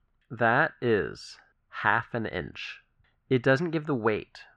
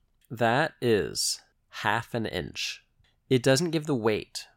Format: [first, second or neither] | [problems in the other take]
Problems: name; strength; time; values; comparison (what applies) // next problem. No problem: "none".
second | muffled; very; fading above 2 kHz